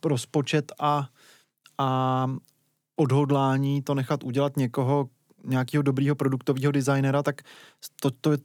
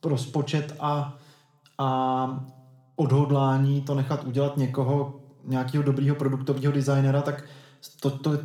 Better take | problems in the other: first | room echo; slight; dies away in 0.5 s

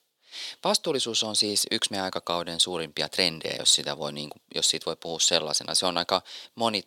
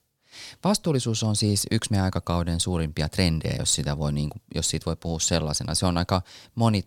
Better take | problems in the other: second | thin; somewhat; fading below 400 Hz

